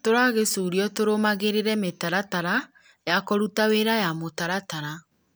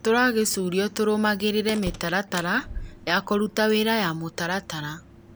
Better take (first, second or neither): first